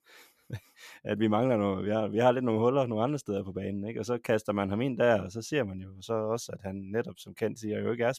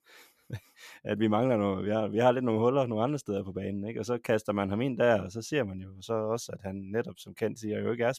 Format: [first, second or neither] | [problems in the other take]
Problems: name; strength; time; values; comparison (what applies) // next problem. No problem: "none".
neither | none